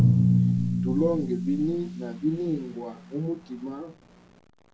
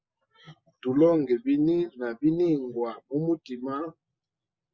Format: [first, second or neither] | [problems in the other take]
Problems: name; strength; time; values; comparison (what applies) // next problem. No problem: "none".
second | background sound (Drum); 4 dB above the speech // room echo; dies away in 0.3 s